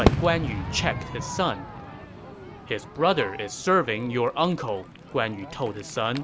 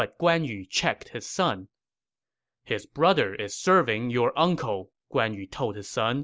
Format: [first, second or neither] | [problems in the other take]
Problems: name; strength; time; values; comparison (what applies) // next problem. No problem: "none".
second | background sound (Crowd / Fireworks); 4 dB below the speech